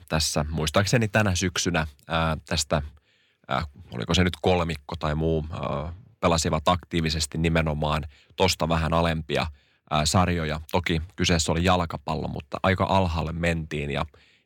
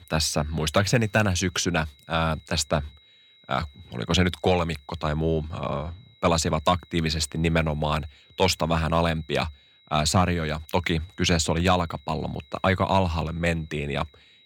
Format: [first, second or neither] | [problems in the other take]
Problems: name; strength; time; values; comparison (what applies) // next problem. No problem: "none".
first | high-pitched whine; faint; throughout; 4 kHz, 30 dB below the speech